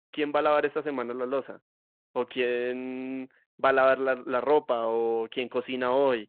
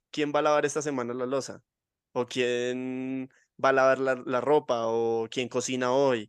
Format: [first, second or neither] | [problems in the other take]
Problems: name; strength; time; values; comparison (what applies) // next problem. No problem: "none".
second | phone-call audio